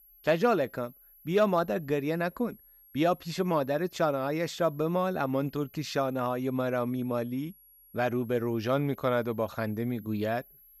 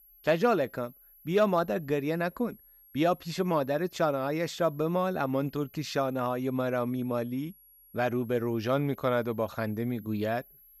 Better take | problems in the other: neither | high-pitched whine; faint; throughout; 11.5 kHz, 25 dB below the speech; the same in both

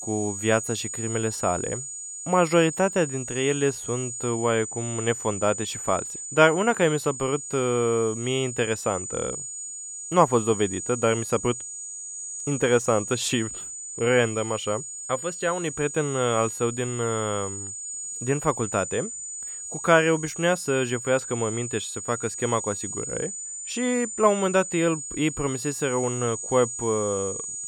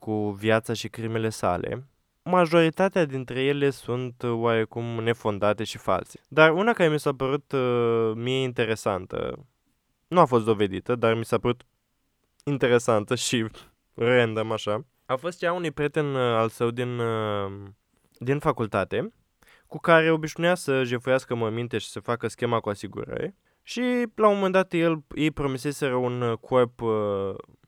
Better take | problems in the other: second | high-pitched whine; loud; throughout; 7 kHz, 7 dB below the speech

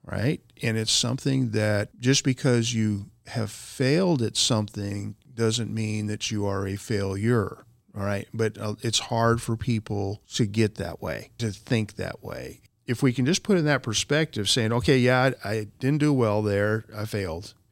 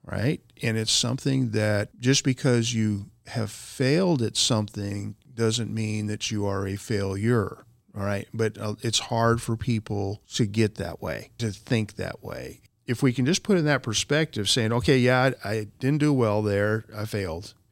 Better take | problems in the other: neither | none

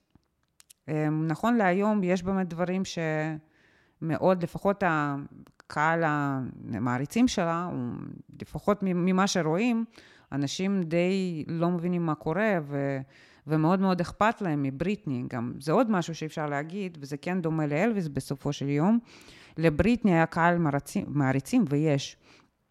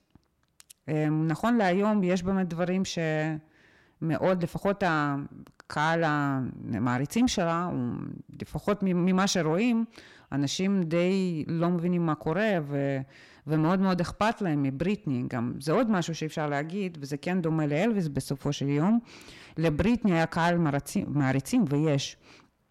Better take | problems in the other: first | distortion; slight; 10 dB below the speech

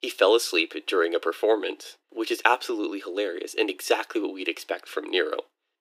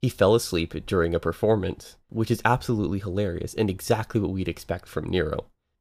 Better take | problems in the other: second | thin; very; fading below 300 Hz

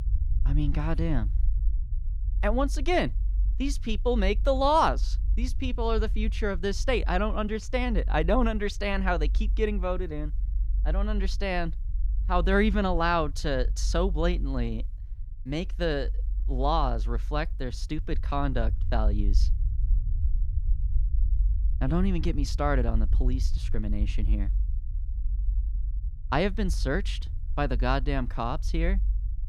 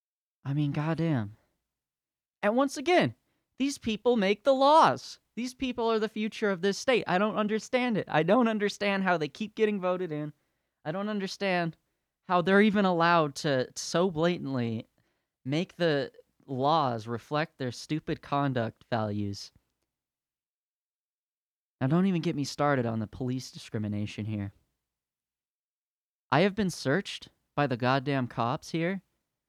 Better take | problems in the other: second | low rumble; faint; throughout; 25 dB below the speech

